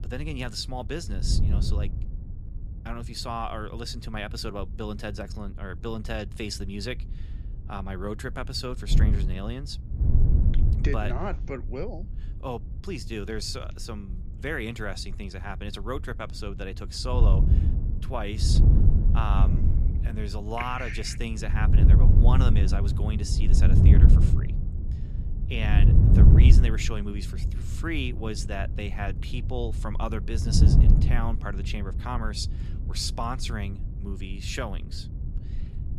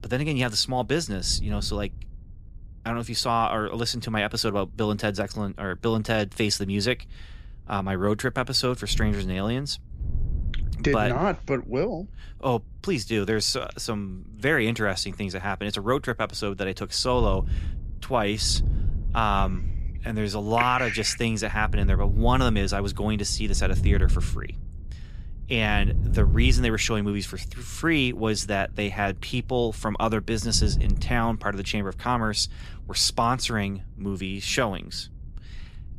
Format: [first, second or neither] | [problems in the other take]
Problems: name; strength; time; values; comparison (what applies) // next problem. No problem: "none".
second | wind noise on the microphone; heavy; 4 dB below the speech; occasional gusts in the second